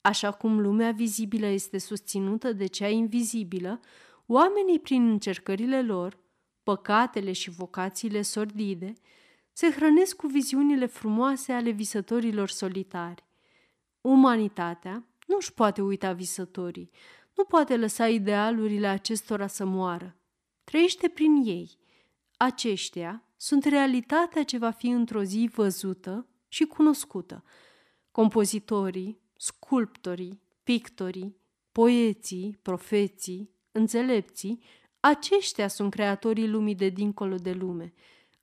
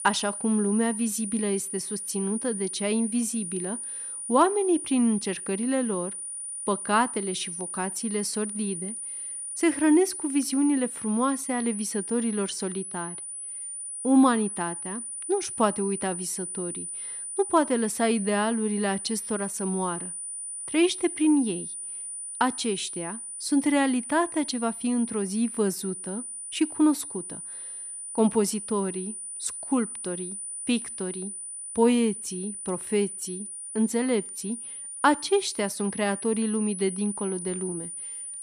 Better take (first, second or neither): first